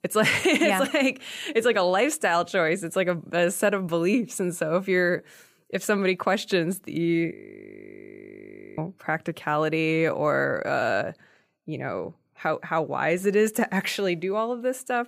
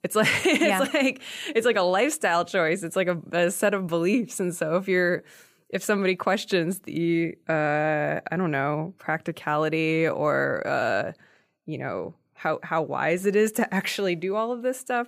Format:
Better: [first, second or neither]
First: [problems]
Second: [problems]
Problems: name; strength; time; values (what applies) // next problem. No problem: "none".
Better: second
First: audio freezing; at 7.5 s for 1.5 s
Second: none